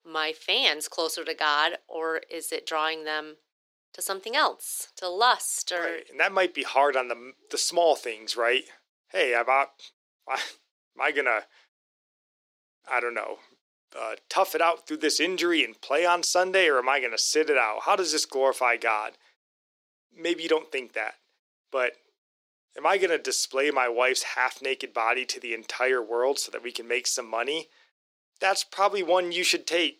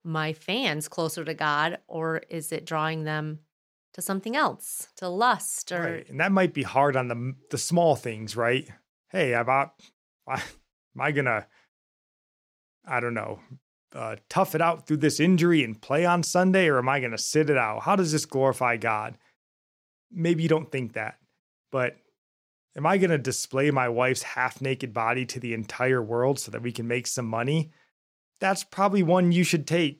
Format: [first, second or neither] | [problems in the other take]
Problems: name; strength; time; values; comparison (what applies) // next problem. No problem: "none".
second | thin; very; fading below 350 Hz